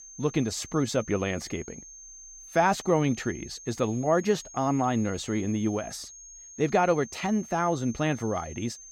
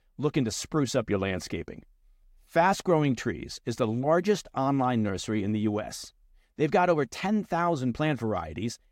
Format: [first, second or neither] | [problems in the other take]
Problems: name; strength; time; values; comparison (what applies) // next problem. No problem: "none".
second | high-pitched whine; noticeable; throughout; 6.5 kHz, 15 dB below the speech